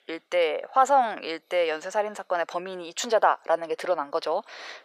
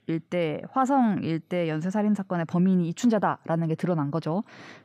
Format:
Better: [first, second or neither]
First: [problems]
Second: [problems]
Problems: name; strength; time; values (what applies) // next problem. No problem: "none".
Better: second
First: thin; very; fading below 500 Hz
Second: none